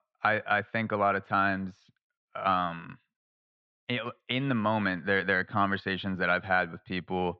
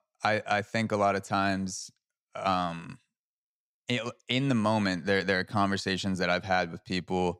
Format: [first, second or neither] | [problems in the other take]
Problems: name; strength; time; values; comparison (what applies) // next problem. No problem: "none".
second | muffled; very; fading above 3.5 kHz